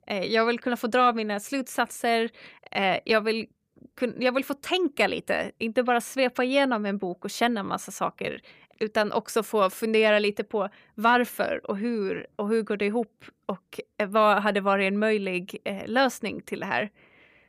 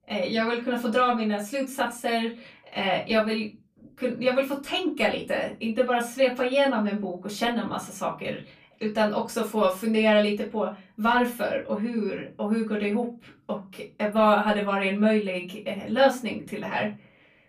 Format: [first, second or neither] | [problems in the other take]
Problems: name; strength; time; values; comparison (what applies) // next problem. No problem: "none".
first | off-mic speech; far // room echo; very slight; dies away in 0.3 s